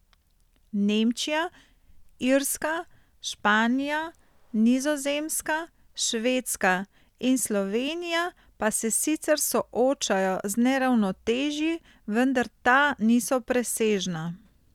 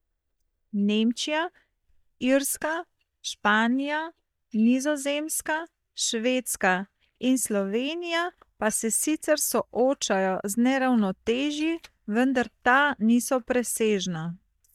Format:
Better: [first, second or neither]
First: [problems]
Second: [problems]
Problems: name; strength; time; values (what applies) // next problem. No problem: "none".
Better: first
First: none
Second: noise reduction (neural mask model DeepFilterNet 3)